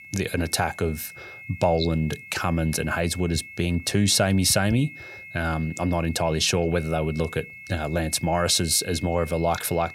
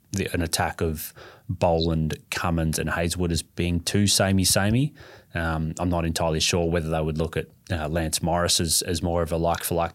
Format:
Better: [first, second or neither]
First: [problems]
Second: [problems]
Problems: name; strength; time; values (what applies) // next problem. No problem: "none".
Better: second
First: high-pitched whine; noticeable; throughout; 2 kHz, 15 dB below the speech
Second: none